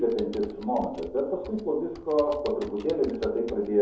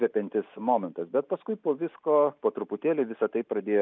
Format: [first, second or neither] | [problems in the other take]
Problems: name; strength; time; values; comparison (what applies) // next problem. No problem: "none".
second | background sound (Computer keyboard); 20 dB below the speech // room echo; dies away in 2.6 s